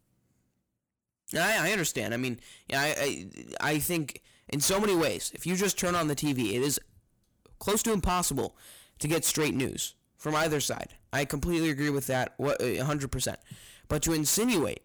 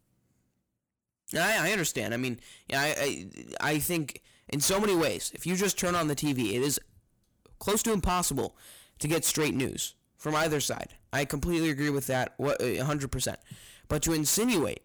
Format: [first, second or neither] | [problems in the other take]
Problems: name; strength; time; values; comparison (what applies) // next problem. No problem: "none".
neither | distortion; heavy; 11% of the sound clipped; the same in both